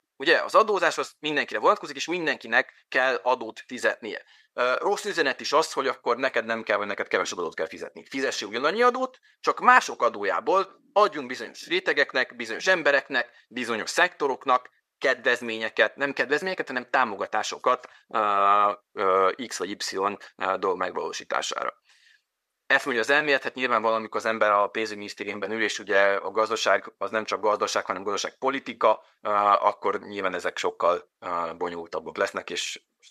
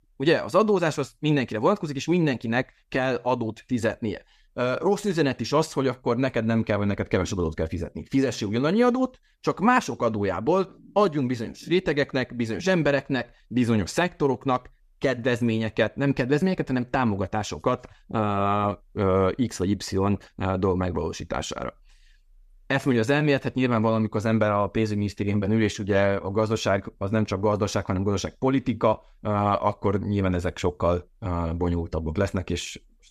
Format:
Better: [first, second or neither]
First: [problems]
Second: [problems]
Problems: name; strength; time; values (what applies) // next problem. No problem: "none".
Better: second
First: thin; very; fading below 550 Hz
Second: none